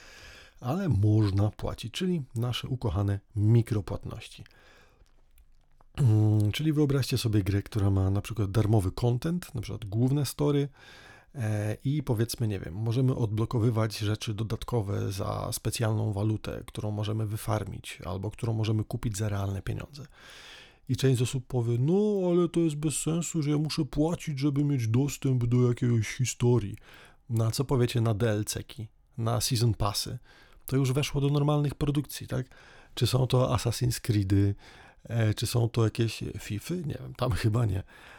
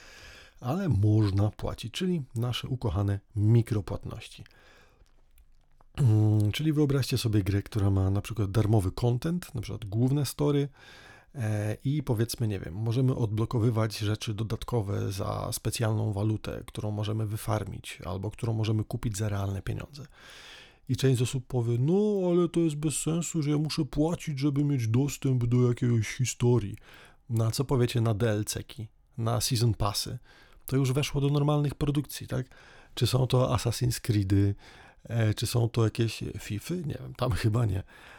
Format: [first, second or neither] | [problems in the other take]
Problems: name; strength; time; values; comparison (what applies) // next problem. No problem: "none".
neither | none